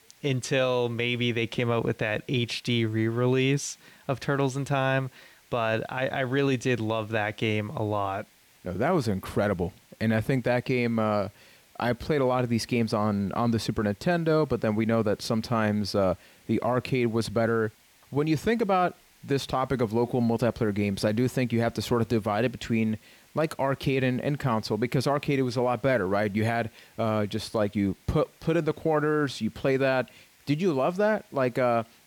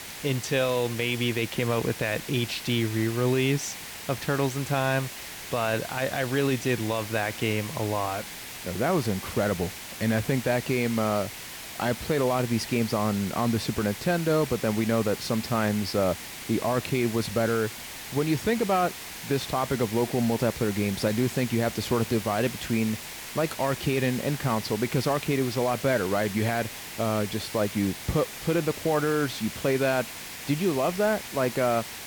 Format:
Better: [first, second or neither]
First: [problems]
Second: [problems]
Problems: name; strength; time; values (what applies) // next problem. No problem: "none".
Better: first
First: hiss; faint; throughout; 30 dB below the speech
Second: hiss; loud; throughout; 10 dB below the speech